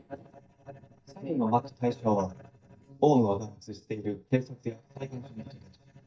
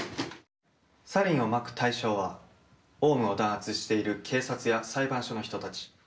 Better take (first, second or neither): second